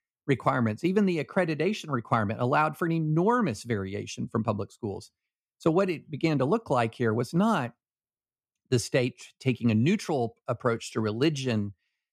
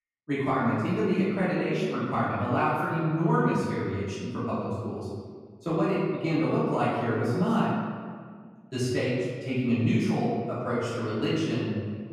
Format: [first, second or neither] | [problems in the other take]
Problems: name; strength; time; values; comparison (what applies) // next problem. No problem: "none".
first | room echo; strong; dies away in 1.6 s // off-mic speech; far